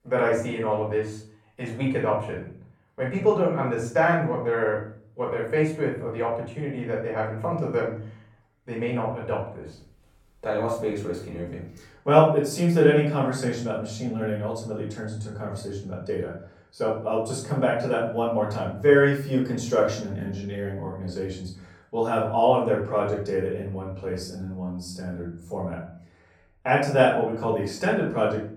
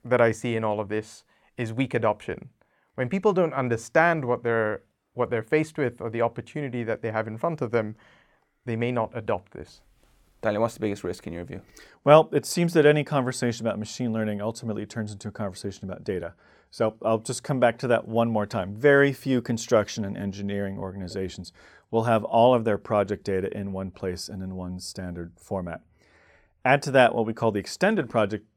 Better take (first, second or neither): second